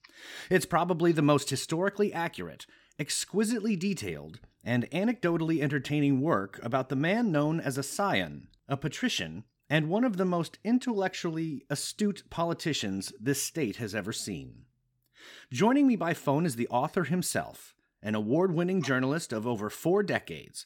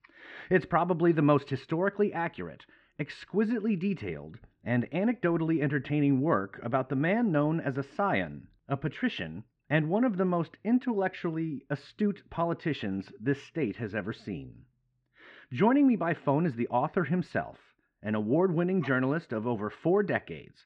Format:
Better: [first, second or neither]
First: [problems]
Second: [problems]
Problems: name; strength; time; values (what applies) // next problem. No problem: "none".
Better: first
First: none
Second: muffled; very; fading above 2.5 kHz